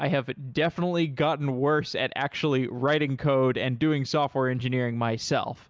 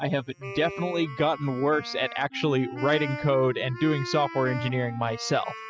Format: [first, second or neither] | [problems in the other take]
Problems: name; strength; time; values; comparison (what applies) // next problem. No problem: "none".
first | noise reduction (classical method spectral subtraction)